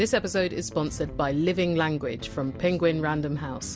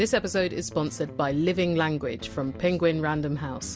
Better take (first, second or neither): second